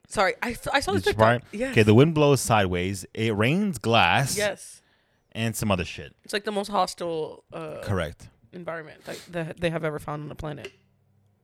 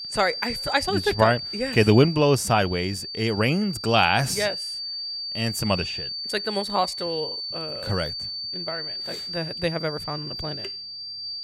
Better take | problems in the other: first | high-pitched whine; loud; throughout; 4.5 kHz, 7 dB below the speech

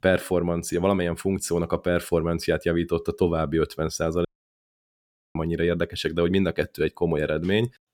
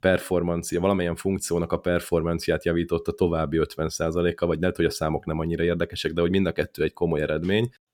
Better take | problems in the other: second | audio cutting out; at 4.5 s for 1 s

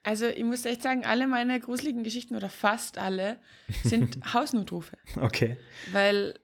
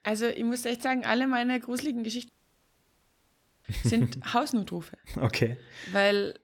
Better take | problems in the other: first | audio cutting out; at 2.5 s for 1.5 s

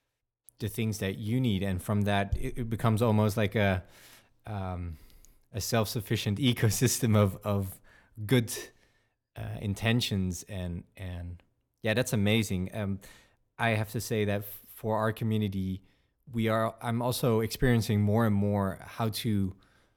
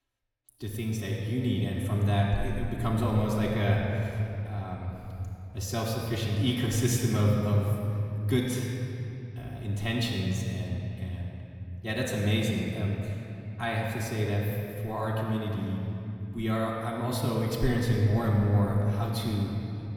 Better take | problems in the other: first | off-mic speech; far // room echo; noticeable; dies away in 2.9 s

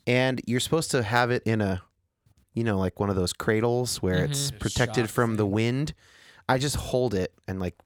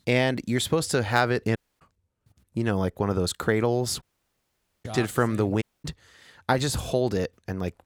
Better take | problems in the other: first | audio cutting out; at 1.5 s, at 4 s for 1 s and at 5.5 s

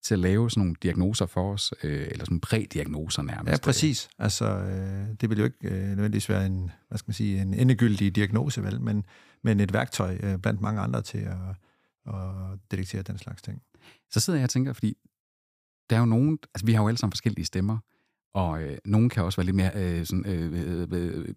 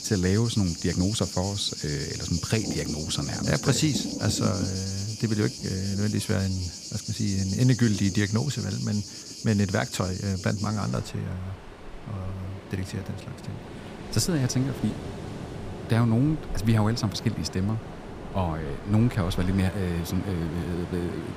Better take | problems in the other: first | rain or running water; loud; throughout; 8 dB below the speech

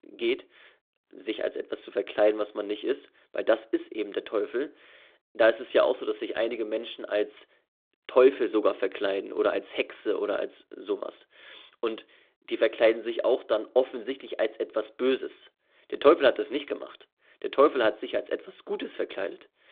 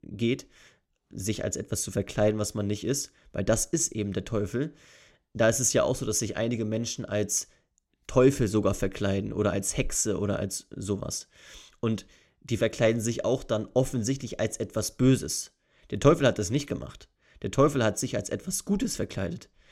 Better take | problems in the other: second | phone-call audio

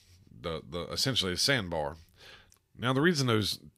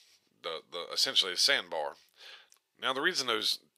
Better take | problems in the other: first | thin; very; fading below 550 Hz

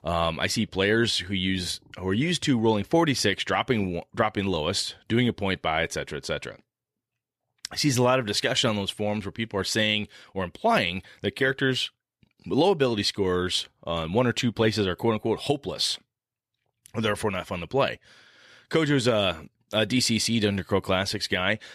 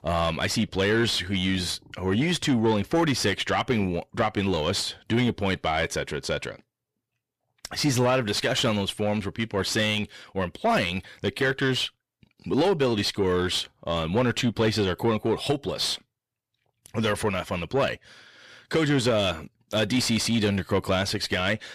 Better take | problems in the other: first | distortion; slight; 10 dB below the speech

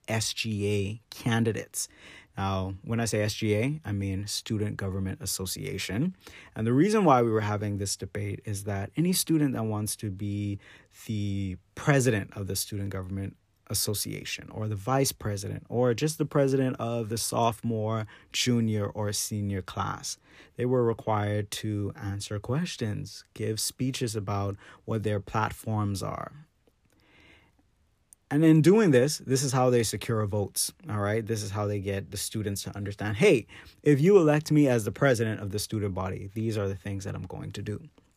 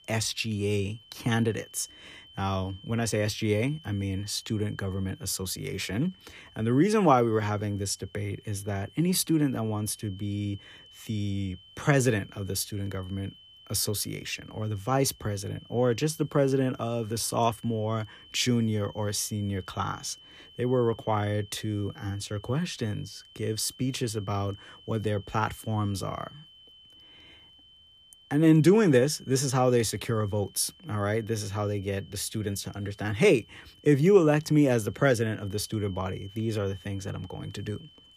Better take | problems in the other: first | high-pitched whine; faint; throughout; 3 kHz, 25 dB below the speech

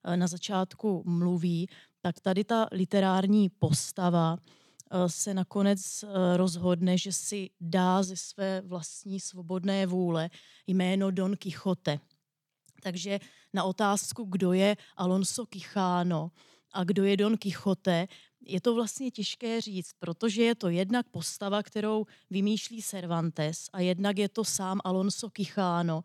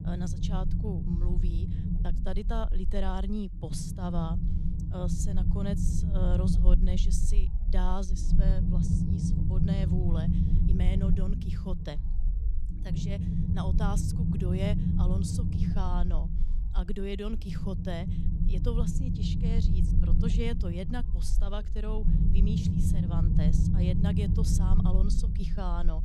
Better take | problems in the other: first | low rumble; loud; throughout; as loud as the speech

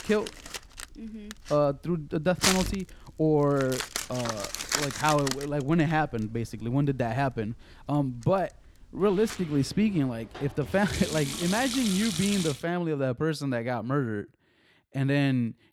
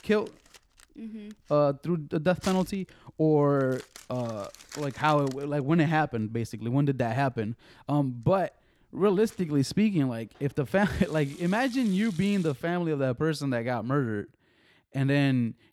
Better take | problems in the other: second | household noises; loud; until 13 s; 5 dB below the speech; faint in the second

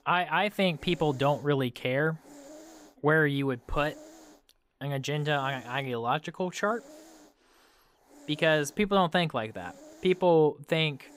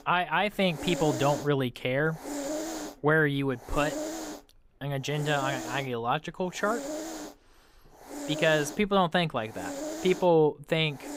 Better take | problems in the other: first | hiss; loud; throughout; 10 dB below the speech; faint in the first

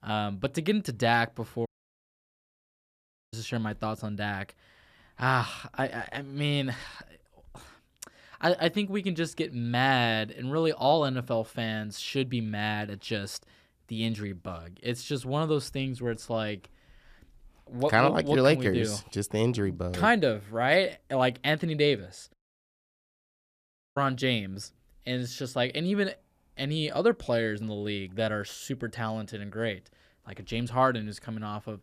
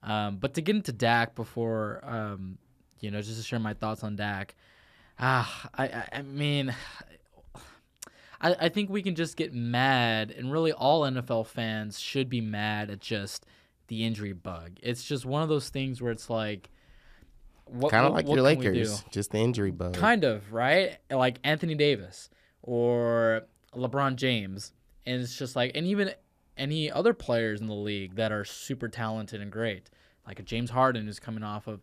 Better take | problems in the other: second | audio cutting out; at 1.5 s for 1.5 s and at 22 s for 1.5 s

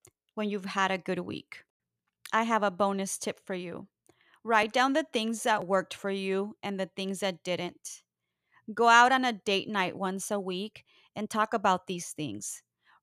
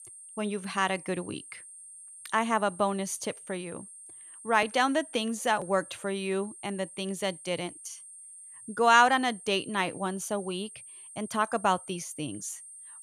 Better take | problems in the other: first | high-pitched whine; noticeable; throughout; 8.5 kHz, 15 dB below the speech

